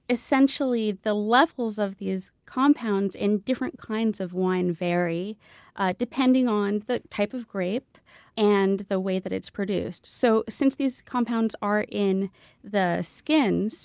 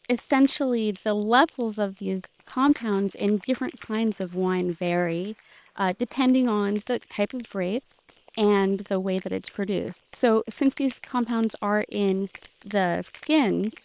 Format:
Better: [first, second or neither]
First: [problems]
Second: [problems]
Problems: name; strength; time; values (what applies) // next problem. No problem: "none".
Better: first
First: none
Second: noise reduction (neural separator model SepFormer WHAM!)